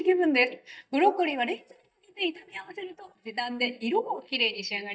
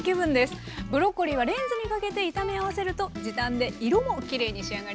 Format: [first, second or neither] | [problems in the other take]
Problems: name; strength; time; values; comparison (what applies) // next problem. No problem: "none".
second | noise reduction (neural mask model DeepFilterNet 3)